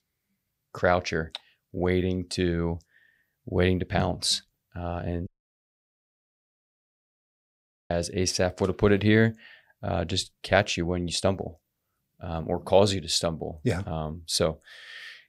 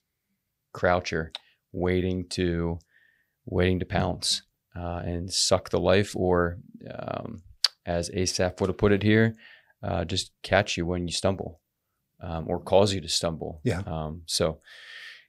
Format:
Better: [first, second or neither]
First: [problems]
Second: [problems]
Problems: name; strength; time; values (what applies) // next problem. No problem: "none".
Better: second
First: audio cutting out; at 5.5 s for 2.5 s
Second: none